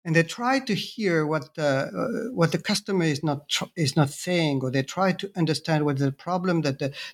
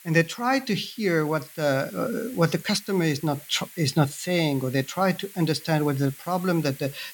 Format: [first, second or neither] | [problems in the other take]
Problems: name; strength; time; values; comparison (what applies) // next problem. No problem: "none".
first | hiss; noticeable; throughout; 20 dB below the speech